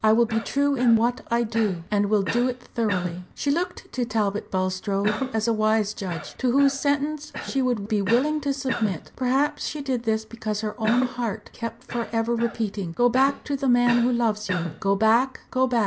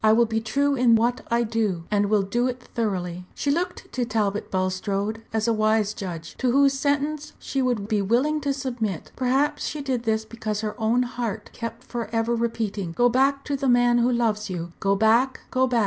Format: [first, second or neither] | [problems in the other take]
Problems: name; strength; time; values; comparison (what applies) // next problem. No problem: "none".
second | background sound (Cough); 13 dB below the speech